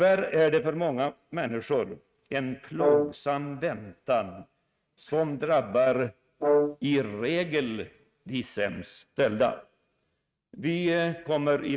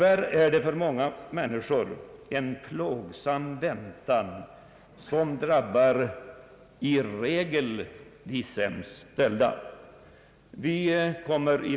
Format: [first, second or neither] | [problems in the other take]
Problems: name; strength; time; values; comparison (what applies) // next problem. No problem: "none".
second | noise reduction (neural mask model RNNoise)